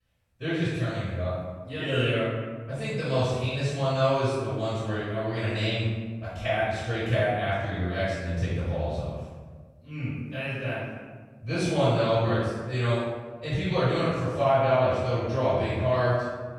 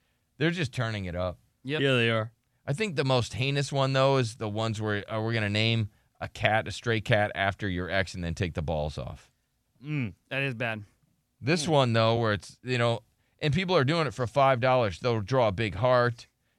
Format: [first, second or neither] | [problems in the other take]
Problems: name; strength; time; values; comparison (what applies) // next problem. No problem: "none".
second | off-mic speech; far // room echo; strong; dies away in 1.3 s